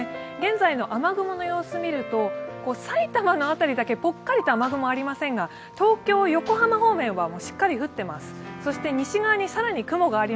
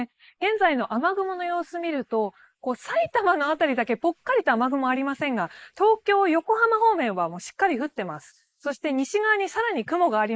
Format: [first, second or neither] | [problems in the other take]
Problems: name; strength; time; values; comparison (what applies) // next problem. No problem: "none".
first | noise reduction (neural mask model Resemble Enhance denoiser)